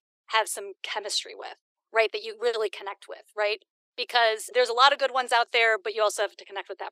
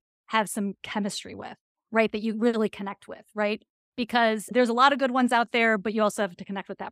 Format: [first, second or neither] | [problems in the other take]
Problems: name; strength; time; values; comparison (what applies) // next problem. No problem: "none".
second | thin; very; fading below 350 Hz